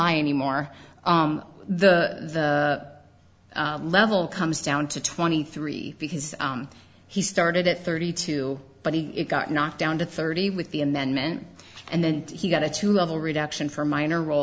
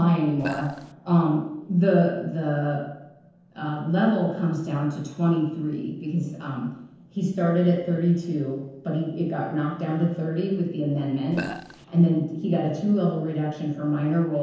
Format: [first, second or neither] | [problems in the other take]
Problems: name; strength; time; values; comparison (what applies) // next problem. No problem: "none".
first | noise reduction (neural separator model SepFormer DNS4)